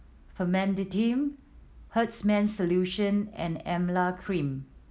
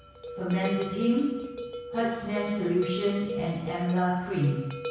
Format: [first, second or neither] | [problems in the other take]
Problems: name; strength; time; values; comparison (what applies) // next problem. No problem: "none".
first | background sound (Bell); 9 dB below the speech // room echo; dies away in 1.1 s